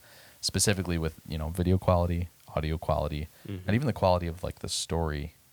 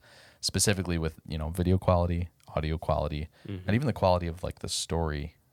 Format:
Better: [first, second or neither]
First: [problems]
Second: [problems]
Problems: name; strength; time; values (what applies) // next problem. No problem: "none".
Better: second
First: hiss; faint; throughout; 25 dB below the speech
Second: none